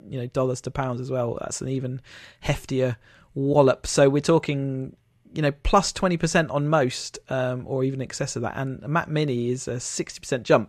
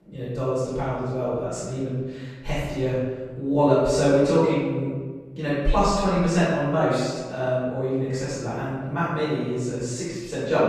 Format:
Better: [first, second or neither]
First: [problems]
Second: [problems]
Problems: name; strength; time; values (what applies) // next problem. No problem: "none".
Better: first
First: none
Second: off-mic speech; far // room echo; strong; dies away in 1.3 s